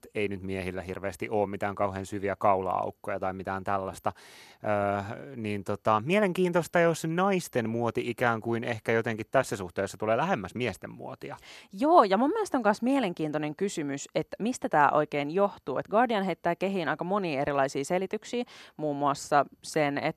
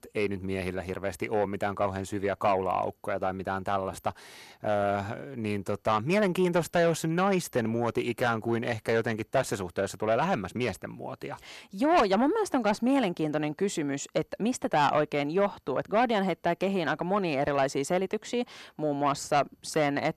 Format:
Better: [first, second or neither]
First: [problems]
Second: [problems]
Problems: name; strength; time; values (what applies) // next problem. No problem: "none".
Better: first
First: none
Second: distortion; slight; 10 dB below the speech